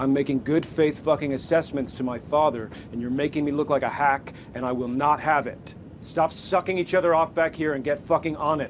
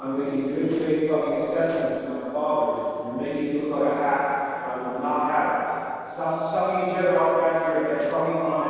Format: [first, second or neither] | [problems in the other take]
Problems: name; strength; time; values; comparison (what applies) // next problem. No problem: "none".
first | noise reduction (neural separator model SepFormer DNS4)